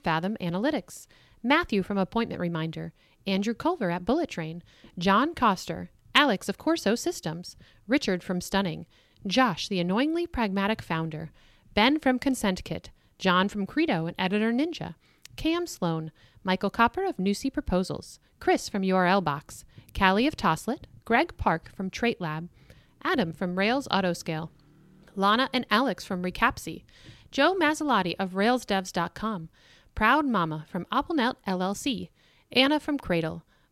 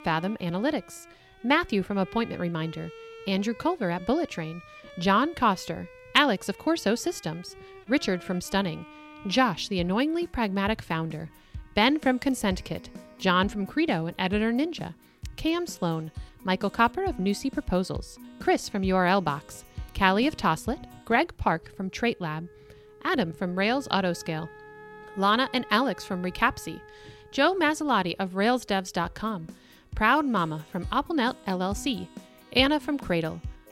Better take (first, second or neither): first